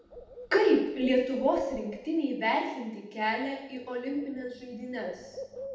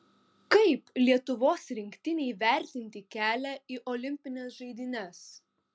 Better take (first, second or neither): second